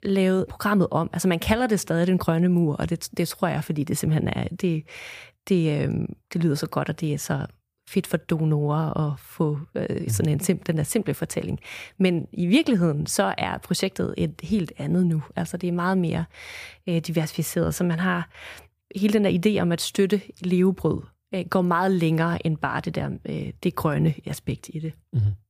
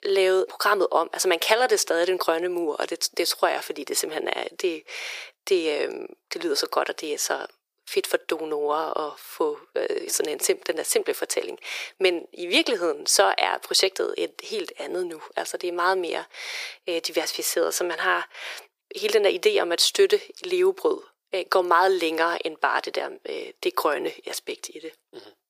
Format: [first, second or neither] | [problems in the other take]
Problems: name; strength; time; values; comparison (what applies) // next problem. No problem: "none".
first | thin; very; fading below 350 Hz